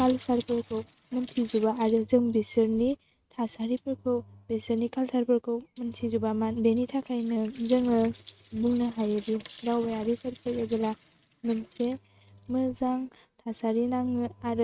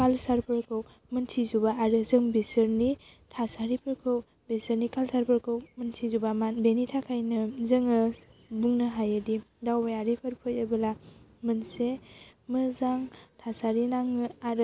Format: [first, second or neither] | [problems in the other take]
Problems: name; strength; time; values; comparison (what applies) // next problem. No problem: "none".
second | noise reduction (neural mask model RNNoise)